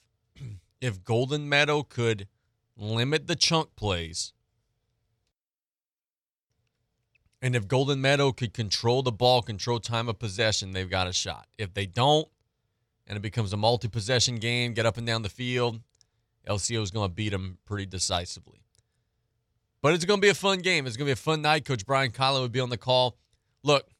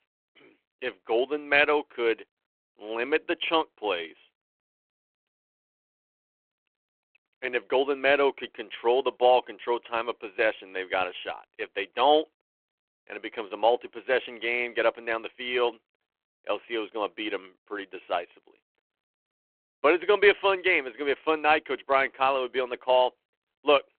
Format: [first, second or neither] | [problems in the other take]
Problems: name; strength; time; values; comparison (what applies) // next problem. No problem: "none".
first | phone-call audio